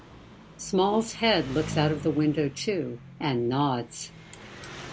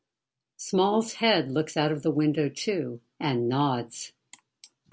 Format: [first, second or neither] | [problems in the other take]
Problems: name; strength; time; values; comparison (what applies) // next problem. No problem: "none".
second | background sound (Engine); 13 dB below the speech